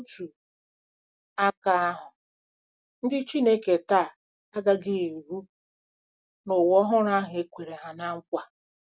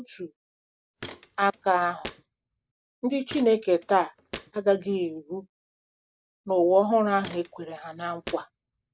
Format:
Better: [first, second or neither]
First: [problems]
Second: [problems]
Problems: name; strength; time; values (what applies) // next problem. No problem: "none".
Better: first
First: none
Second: background sound (Walk, footsteps); 17 dB below the speech